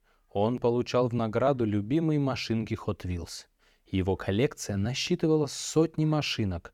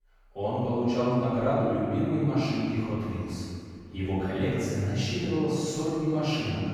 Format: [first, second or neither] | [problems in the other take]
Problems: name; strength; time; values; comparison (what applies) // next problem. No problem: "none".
first | off-mic speech; far // room echo; strong; dies away in 2 s